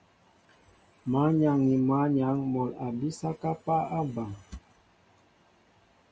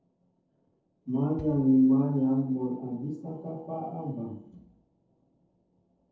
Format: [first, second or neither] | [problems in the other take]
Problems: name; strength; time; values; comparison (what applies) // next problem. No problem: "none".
first | noise reduction (neural separator model SepFormer DNS4)